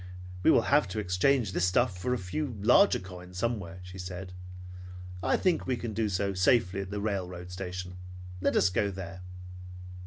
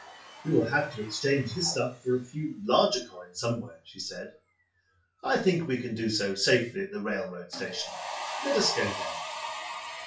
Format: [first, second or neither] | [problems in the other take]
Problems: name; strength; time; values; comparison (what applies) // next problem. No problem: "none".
first | noise reduction (classical method WPE with log-MMSE)